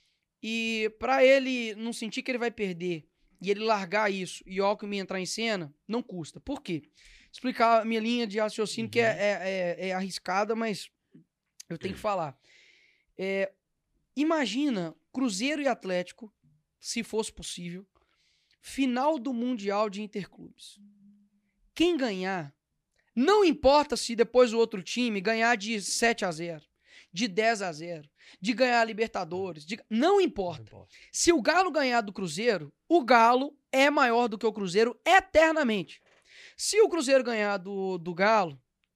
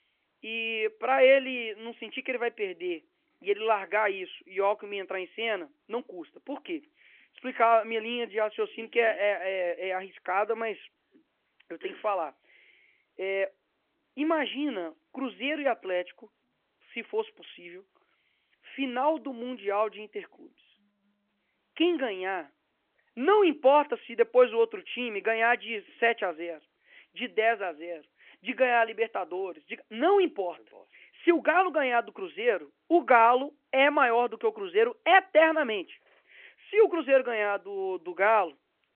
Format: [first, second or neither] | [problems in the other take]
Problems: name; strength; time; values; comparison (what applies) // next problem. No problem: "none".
first | phone-call audio